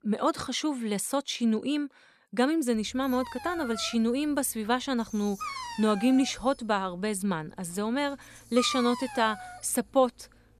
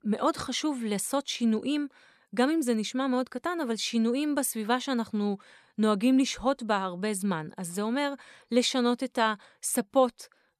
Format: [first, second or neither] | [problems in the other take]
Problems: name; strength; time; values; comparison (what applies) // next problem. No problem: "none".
second | dog barking; noticeable; from 3 to 9.5 s; peak 5 dB below the speech